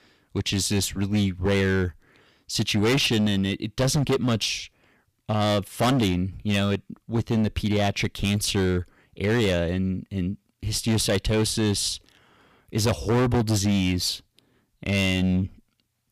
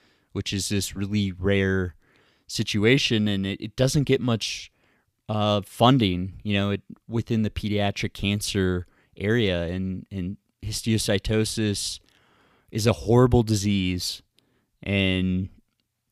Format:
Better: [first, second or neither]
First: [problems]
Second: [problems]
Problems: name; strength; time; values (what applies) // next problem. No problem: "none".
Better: second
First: distortion; heavy; 11% of the sound clipped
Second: none